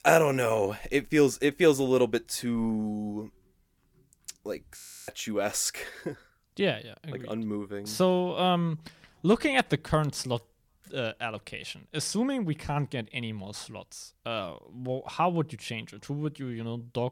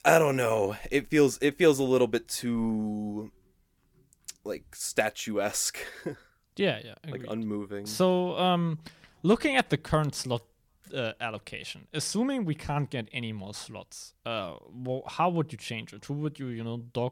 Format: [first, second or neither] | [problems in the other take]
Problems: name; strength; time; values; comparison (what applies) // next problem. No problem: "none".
second | audio freezing; at 5 s